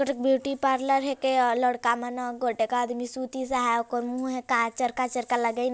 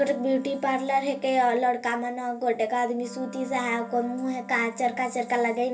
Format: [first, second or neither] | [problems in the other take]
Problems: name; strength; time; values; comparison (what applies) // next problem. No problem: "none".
first | background sound (Wind instrument, woodwind instrument); 19 dB below the speech // room echo; dies away in 0.3 s